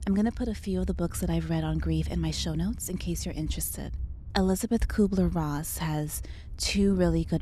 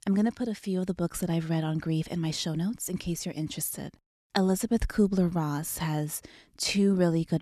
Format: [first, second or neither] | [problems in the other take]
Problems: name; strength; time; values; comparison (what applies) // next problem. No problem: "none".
second | low rumble; faint; throughout; 25 dB below the speech